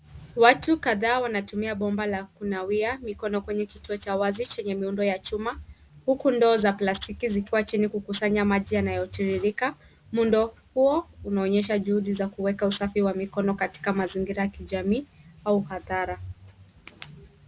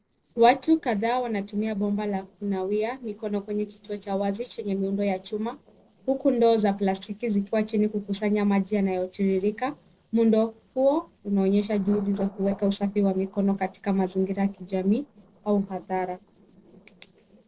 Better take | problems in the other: first | noise reduction (neural separator model SepFormer DNS4)

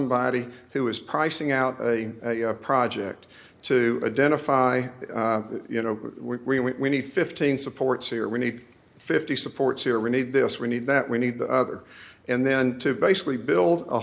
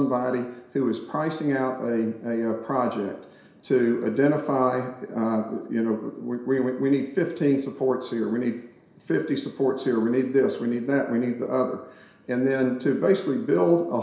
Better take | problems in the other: first | room echo; dies away in 0.7 s

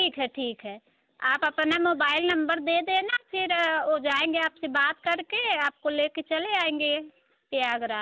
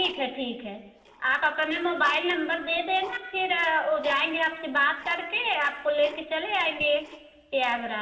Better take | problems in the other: first | noise reduction (neural separator model SepFormer DNS4)

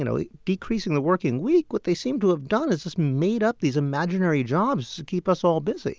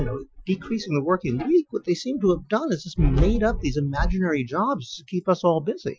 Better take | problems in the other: first | noise reduction (classical method Wiener filter)

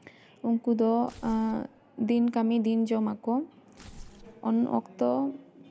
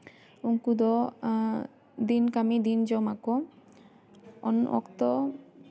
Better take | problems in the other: second | background sound (Tearing); 20 dB below the speech

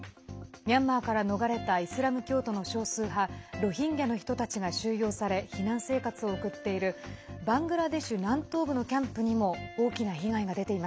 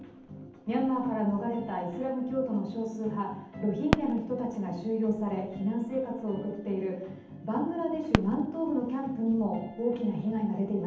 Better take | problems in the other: first | background sound (Fireworks); 9 dB below the speech // room echo; dies away in 0.8 s

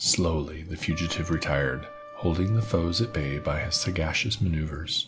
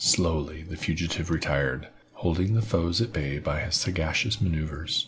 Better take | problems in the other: second | background sound (Trumpet); 17 dB below the speech

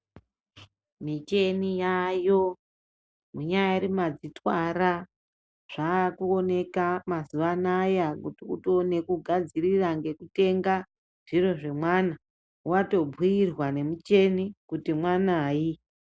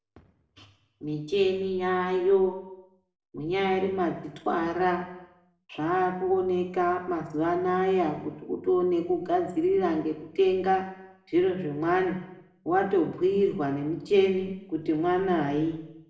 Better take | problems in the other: first | room echo; dies away in 0.7 s

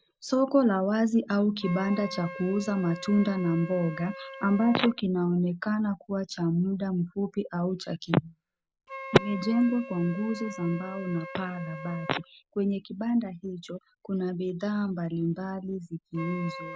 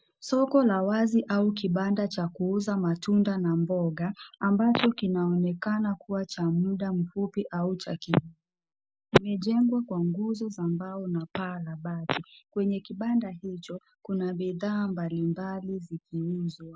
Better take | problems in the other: second | background sound (Wind instrument, woodwind instrument); 16 dB below the speech

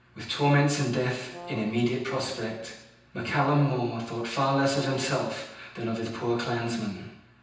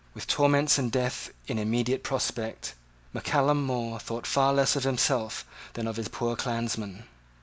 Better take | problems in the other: second | background sound (Brass instrument); 18 dB below the speech // room echo; dies away in 0.9 s

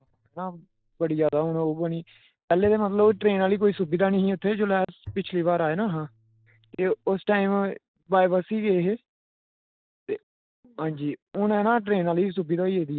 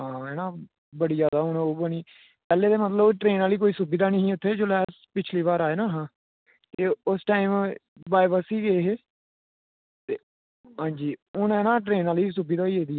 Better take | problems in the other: second | noise reduction (neural mask model DeepFilterNet 3)

